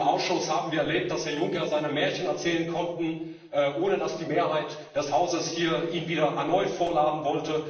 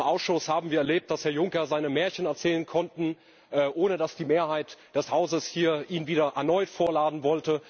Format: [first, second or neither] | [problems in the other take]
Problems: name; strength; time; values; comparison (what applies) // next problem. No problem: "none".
second | noise reduction (neural separator model SepFormer DNS4)